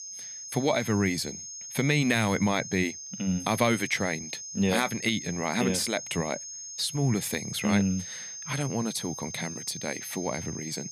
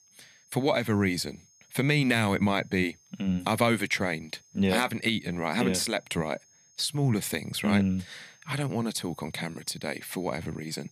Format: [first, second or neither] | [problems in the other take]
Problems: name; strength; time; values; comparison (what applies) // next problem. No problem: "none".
second | high-pitched whine; loud; throughout; 6.5 kHz, 9 dB below the speech; faint in the second